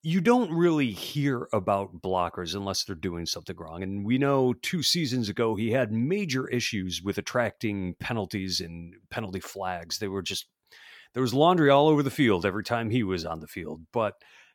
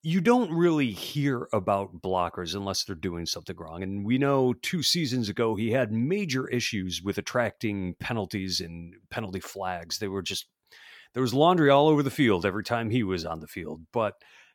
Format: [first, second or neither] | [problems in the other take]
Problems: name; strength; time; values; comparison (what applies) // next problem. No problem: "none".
neither | none